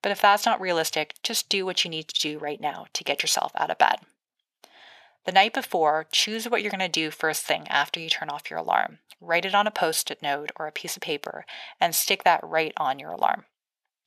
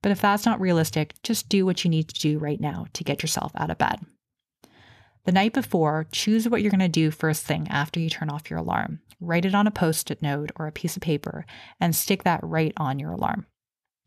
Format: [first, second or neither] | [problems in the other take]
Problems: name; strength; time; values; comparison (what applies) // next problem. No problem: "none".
second | thin; very; fading below 500 Hz